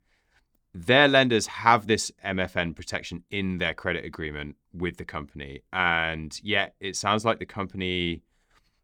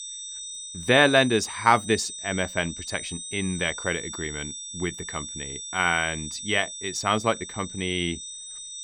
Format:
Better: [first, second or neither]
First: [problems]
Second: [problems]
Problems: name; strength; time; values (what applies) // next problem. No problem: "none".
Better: first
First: none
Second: high-pitched whine; loud; throughout; 8 kHz, 10 dB below the speech